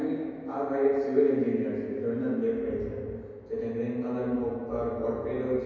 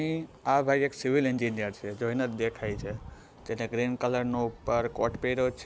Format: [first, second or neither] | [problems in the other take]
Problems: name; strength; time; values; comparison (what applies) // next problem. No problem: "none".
second | room echo; dies away in 2.2 s